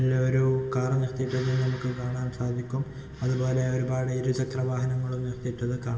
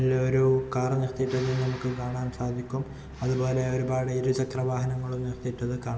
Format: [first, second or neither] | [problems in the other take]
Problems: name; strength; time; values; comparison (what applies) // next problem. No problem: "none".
second | room echo; dies away in 1.5 s